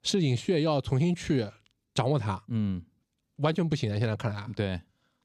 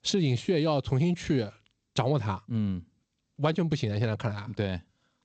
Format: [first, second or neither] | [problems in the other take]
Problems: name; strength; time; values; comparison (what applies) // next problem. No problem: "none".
first | garbled, watery; slightly; nothing above 7.5 kHz